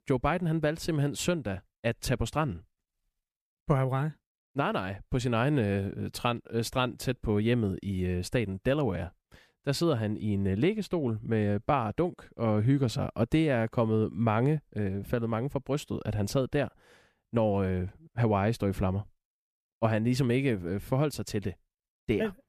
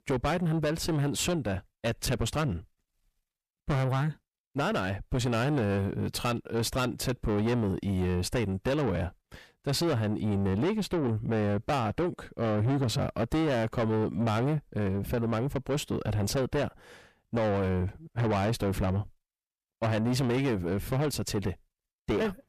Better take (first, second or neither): first